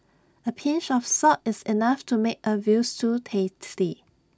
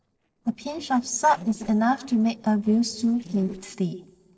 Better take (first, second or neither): first